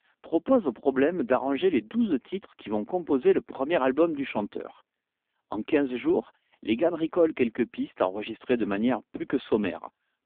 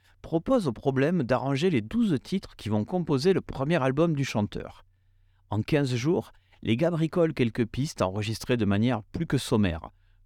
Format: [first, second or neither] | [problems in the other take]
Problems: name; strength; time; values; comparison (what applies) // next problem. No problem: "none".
second | phone-call audio; poor line